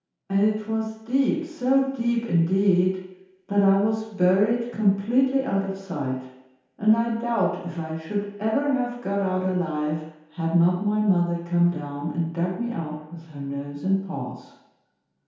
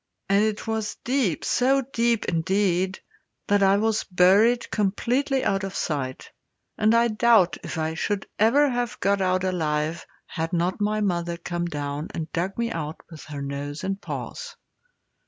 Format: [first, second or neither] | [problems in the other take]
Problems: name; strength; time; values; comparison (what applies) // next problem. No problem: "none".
second | room echo; dies away in 0.8 s